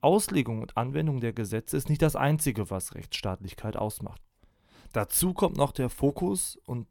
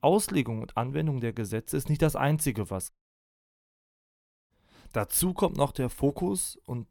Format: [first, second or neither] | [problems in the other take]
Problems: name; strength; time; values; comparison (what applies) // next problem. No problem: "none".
first | audio cutting out; at 3 s for 1.5 s